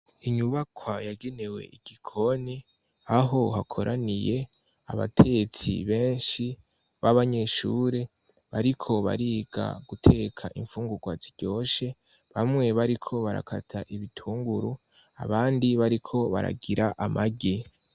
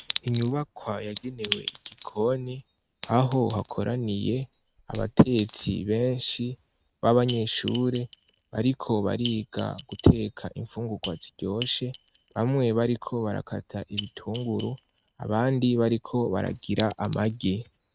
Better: first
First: none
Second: noise reduction (neural mask model RNNoise)

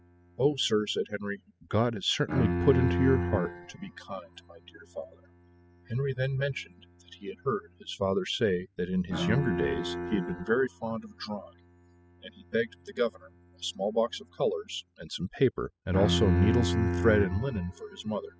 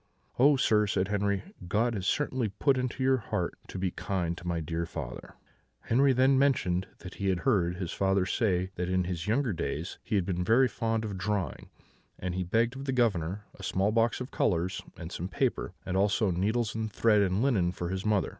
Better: second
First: noise reduction (classical method spectral subtraction)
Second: none

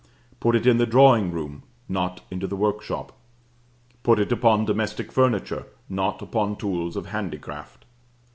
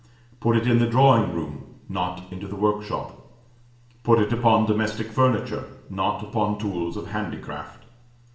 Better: first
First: none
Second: room echo; dies away in 0.8 s

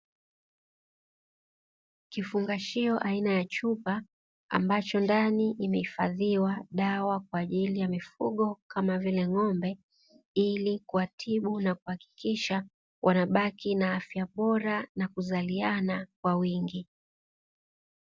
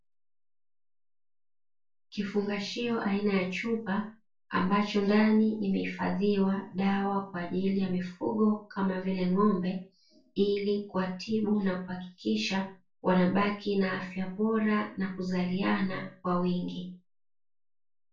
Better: first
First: none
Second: room echo; dies away in 0.3 s

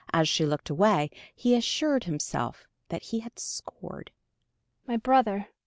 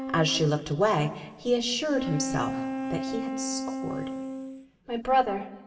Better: first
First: none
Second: background sound (Wind instrument, woodwind instrument); 6 dB below the speech // room echo; dies away in 2.8 s

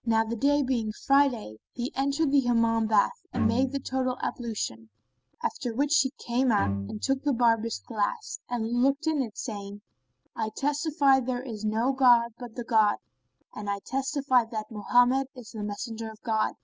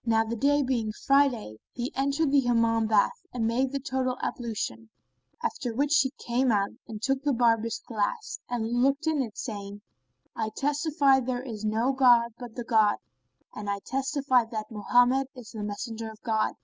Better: second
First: background sound (Bowed string instrument); 10 dB below the speech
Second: none

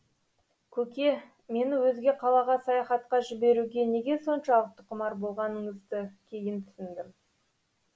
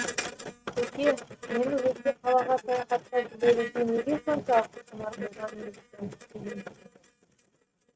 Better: first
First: none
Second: noise reduction (neural mask model RNNoise)

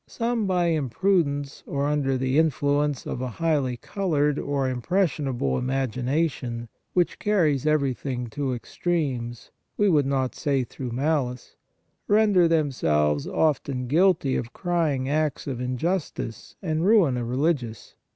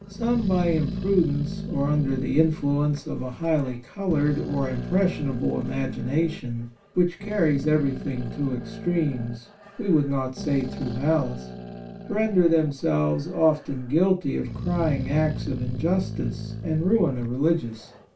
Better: first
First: none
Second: background sound (Growling); 10 dB below the speech // room echo; dies away in 0.2 s

